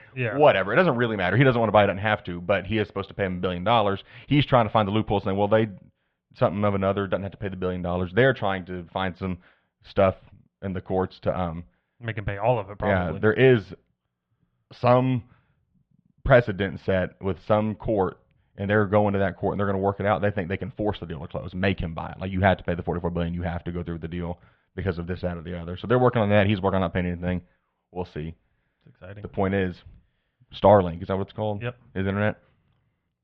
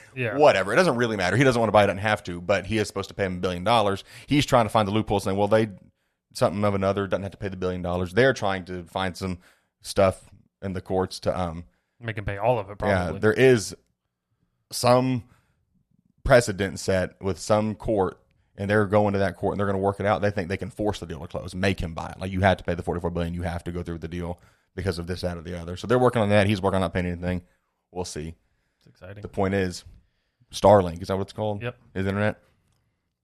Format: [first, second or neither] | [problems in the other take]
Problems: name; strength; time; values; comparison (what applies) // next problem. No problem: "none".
second | muffled; very; fading above 3.5 kHz